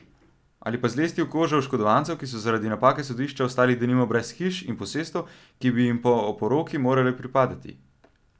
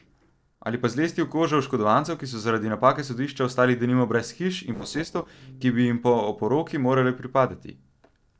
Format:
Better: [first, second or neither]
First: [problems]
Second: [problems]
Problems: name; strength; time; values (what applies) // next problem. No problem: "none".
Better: first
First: none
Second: noise reduction (neural separator model SepFormer DNS4)